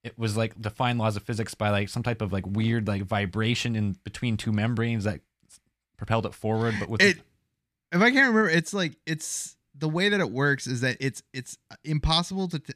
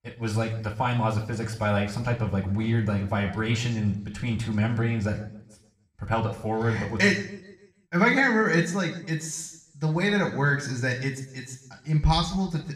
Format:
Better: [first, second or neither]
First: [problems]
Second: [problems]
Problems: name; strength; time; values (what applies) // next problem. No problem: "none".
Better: first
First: none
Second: room echo; slight; dies away in 0.6 s // off-mic speech; somewhat distant